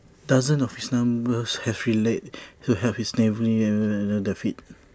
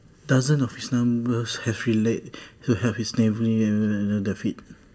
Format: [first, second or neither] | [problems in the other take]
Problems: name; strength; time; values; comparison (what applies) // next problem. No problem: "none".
first | room echo; dies away in 0.3 s